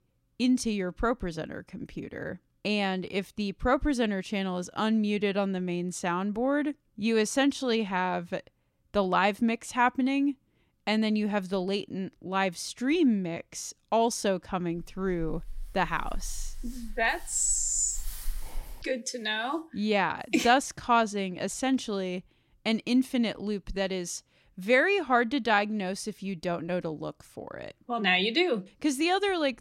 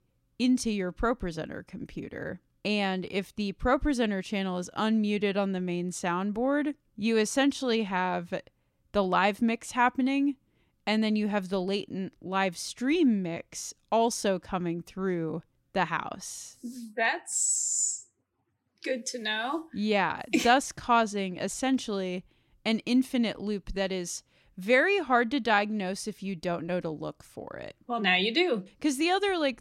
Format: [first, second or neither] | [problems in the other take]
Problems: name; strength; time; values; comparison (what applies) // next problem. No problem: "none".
second | dog barking; faint; from 15 to 19 s; peak 10 dB below the speech